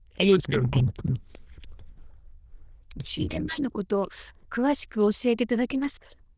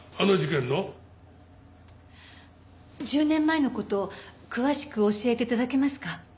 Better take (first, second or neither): second